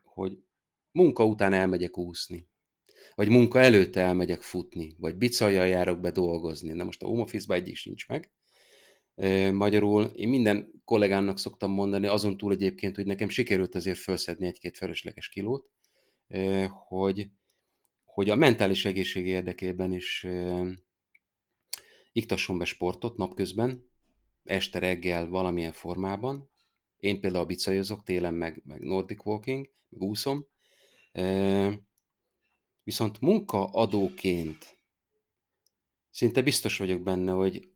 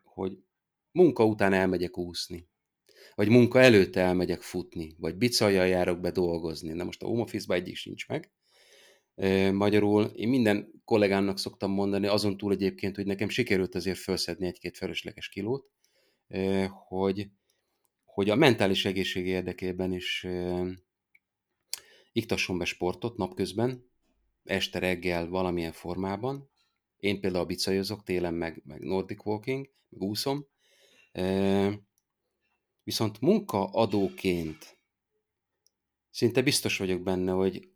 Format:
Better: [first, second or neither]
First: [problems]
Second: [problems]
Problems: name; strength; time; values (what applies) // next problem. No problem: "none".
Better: second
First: garbled, watery; slightly; nothing above 19 kHz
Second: none